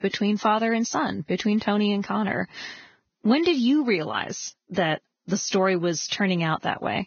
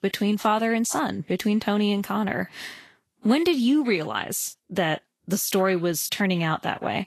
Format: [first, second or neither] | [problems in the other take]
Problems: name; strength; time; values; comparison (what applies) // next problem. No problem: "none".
second | garbled, watery; badly; nothing above 6.5 kHz; slightly in the second